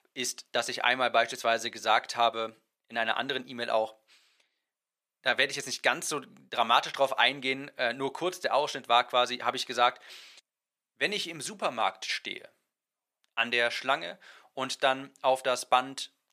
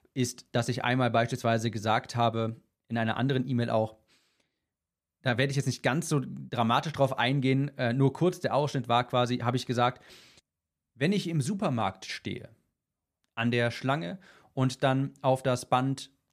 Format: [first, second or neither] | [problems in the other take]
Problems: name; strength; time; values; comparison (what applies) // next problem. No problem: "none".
second | thin; very; fading below 600 Hz